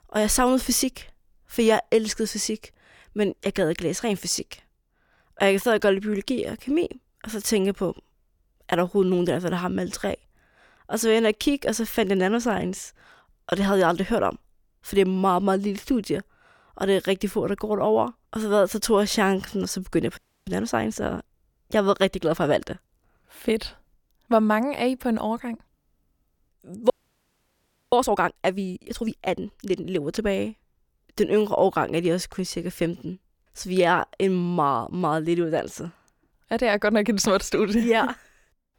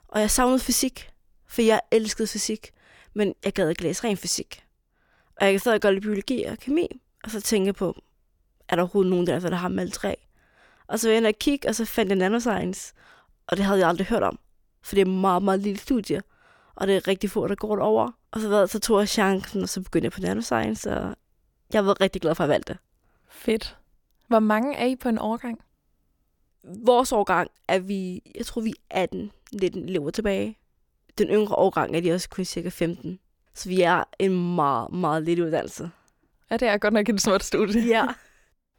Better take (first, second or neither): second